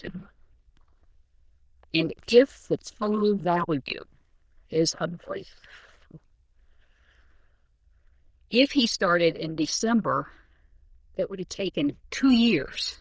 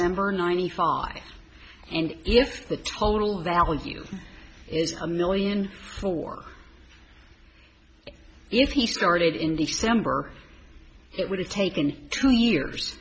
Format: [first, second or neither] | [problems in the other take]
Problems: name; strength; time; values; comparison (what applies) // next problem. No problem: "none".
second | noise reduction (neural diffusion model UNIVERSE++)